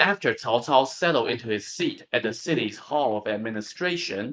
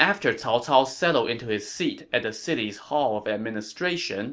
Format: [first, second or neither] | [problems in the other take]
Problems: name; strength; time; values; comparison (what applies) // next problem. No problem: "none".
second | noise reduction (neural mask model Resemble Enhance denoiser)